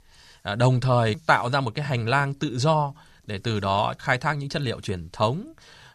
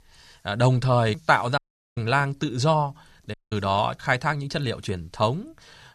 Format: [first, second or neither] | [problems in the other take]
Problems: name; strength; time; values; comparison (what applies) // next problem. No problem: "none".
first | audio cutting out; at 1.5 s and at 3.5 s